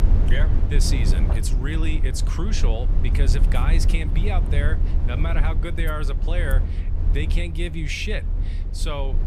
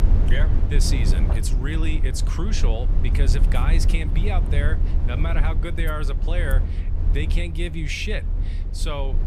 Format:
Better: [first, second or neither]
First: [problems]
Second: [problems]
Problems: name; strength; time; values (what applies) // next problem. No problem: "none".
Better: neither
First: low rumble; loud; throughout; 8 dB below the speech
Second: low rumble; loud; throughout; 8 dB below the speech